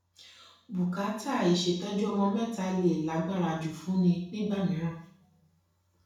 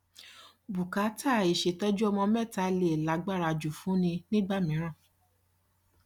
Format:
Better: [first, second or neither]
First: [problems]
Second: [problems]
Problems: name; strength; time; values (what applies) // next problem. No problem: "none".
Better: second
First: room echo; dies away in 0.7 s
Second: none